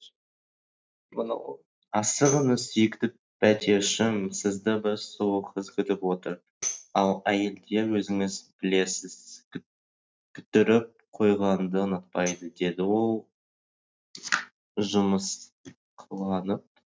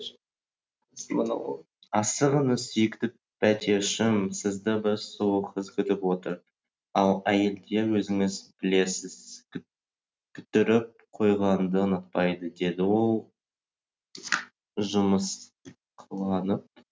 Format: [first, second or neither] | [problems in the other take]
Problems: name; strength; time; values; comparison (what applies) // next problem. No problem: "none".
second | noise reduction (neural mask model DeepFilterNet 3)